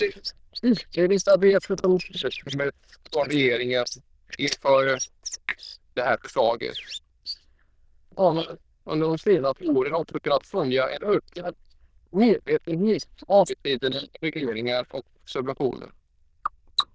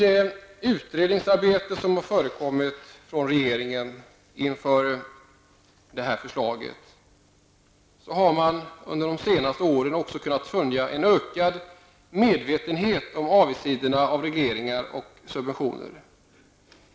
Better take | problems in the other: second | noise reduction (neural diffusion model UNIVERSE++)

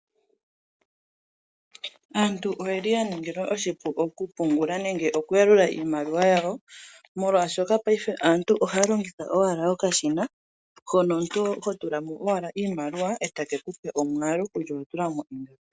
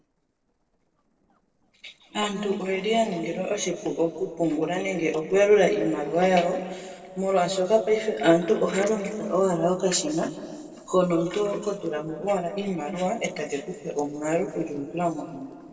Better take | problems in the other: first | noise reduction (neural separator model SepFormer DNS4)

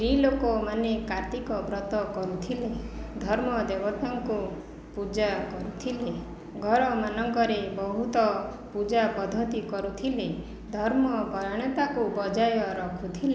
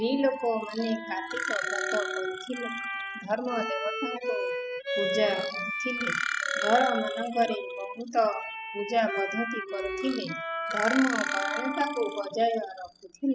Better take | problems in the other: first | noise reduction (classical method spectral subtraction)

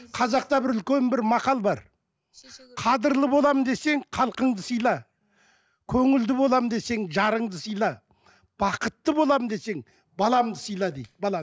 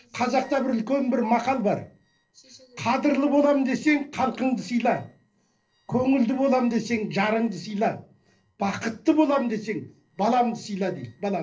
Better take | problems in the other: first | noise reduction (neural separator model SepFormer DNS4)

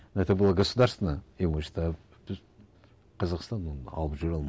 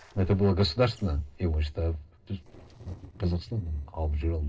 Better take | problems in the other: first | noise reduction (neural separator model SepFormer DNS4)

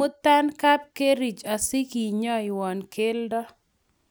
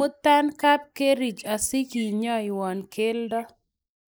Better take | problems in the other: first | noise reduction (neural mask model Resemble Enhance denoiser)

